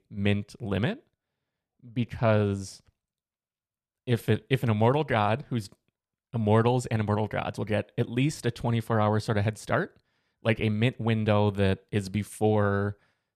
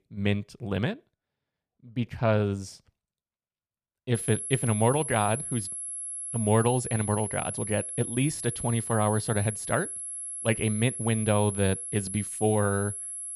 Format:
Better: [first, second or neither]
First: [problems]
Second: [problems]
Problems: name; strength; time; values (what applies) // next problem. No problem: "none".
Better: first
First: none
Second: high-pitched whine; loud; from 4 s on; 11 kHz, 5 dB below the speech